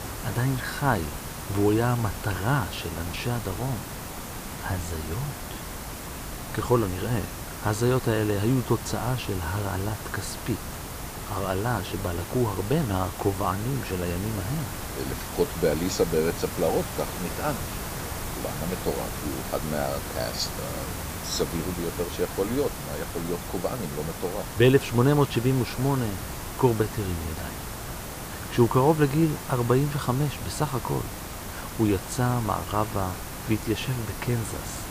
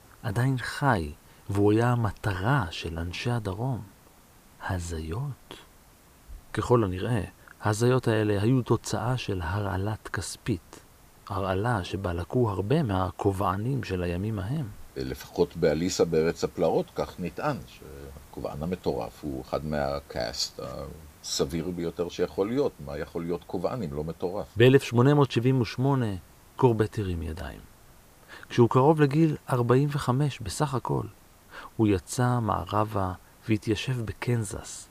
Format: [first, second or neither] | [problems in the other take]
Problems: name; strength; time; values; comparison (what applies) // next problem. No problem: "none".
second | hiss; loud; throughout; 7 dB below the speech; faint in the second